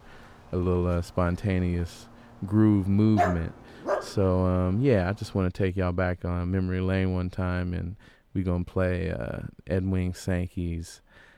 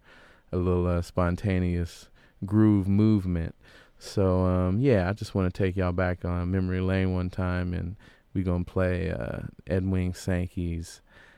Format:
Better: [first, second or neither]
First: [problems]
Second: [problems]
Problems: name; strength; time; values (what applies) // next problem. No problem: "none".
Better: second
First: dog barking; noticeable; at 3 s; peak level with the speech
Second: none